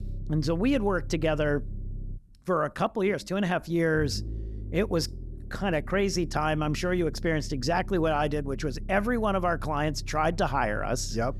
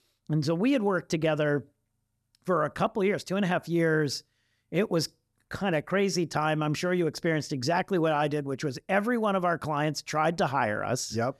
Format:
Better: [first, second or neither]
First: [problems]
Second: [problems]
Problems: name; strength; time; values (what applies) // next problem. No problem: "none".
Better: second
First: low rumble; faint; throughout; 25 dB below the speech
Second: none